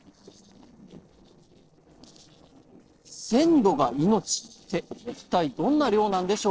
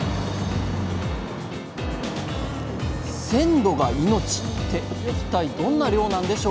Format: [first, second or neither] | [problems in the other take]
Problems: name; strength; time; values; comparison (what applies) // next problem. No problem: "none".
second | noise reduction (neural separator model SepFormer DNS4)